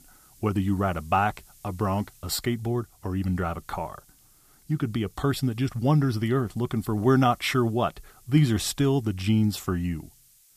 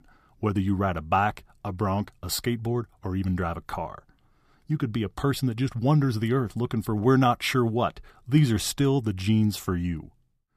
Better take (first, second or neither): second